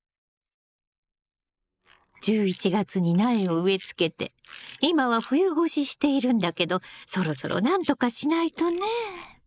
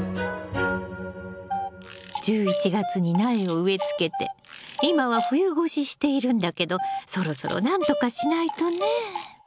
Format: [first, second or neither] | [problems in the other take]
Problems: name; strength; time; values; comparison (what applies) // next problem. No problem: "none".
second | noise reduction (neural mask model Resemble Enhance denoiser)